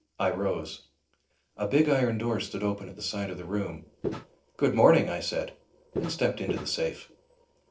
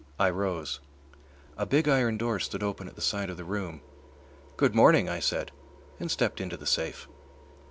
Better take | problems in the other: second | noise reduction (neural separator model SepFormer DNS4)

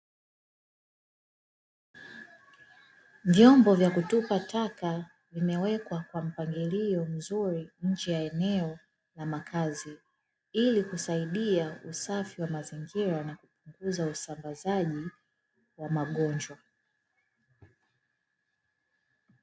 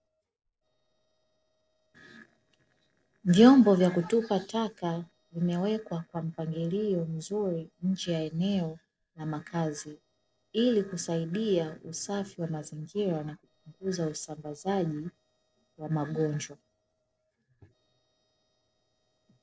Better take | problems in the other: first | noise reduction (neural separator model SepFormer DNS4)

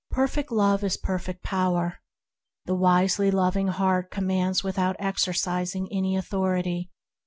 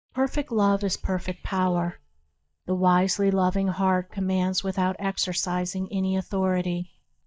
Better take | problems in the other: first | noise reduction (neural mask model DeepFilterNet 3)

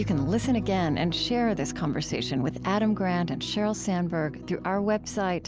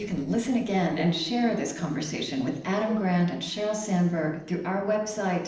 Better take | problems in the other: first | noise reduction (neural separator model SepFormer DNS4)

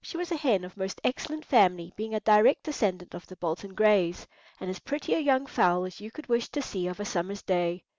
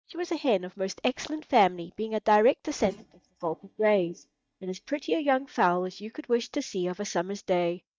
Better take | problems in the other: first | noise reduction (neural mask model DeepFilterNet 3)

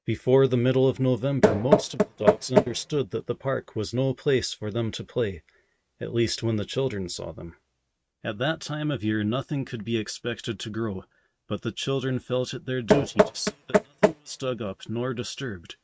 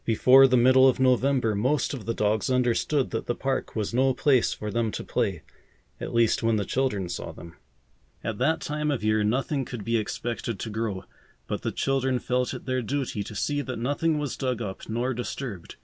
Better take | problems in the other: second | noise reduction (neural mask model RNNoise)

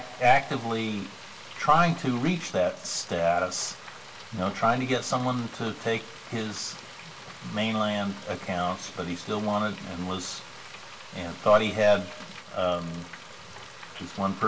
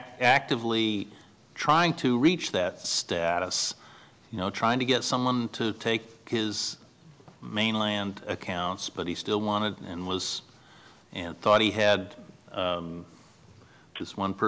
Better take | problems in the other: second | background sound (Frying (food)); 16 dB below the speech // room echo; dies away in 0.2 s

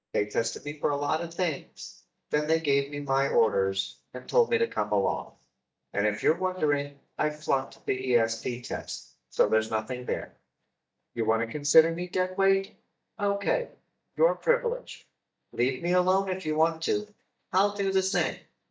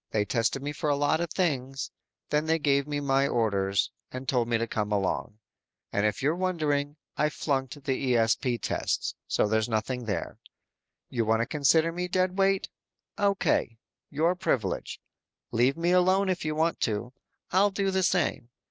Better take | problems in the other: second | noise reduction (neural mask model DeepFilterNet 3)

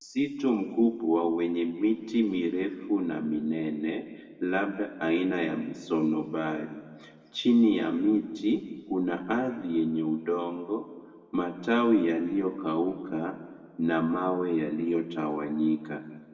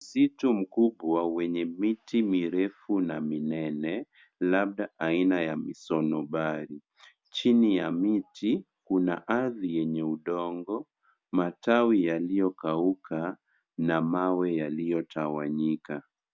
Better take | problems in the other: second | room echo; dies away in 1.4 s

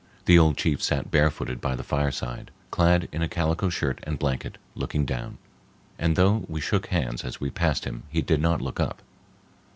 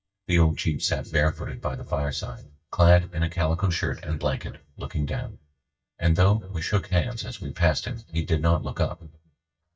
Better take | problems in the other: first | noise reduction (neural mask model DeepFilterNet 3)

